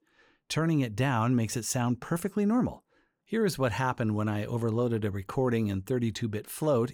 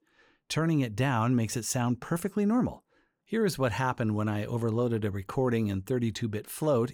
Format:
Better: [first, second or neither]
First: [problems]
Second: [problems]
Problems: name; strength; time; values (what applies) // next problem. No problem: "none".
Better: neither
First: none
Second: none